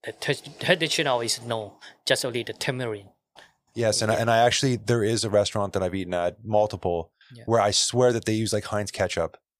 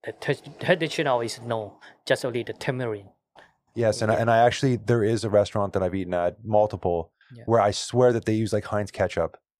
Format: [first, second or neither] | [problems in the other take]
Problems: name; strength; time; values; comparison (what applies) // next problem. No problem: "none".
first | muffled; slightly; fading above 2.5 kHz